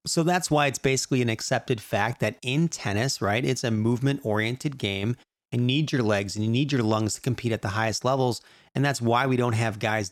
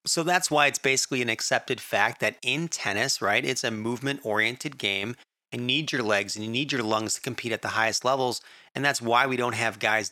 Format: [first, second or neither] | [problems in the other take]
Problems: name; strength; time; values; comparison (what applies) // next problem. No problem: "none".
first | thin; somewhat; fading below 1 kHz